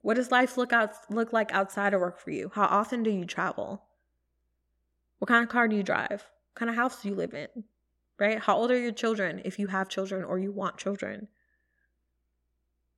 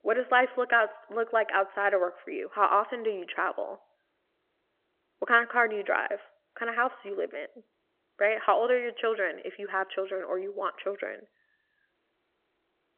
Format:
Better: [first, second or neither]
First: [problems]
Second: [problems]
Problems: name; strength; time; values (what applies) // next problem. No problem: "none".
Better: first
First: none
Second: phone-call audio